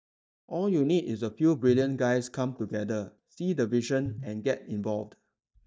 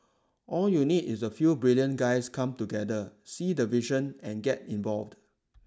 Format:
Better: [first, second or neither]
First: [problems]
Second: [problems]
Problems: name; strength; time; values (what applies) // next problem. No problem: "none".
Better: second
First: noise reduction (neural mask model DeepFilterNet 3)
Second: none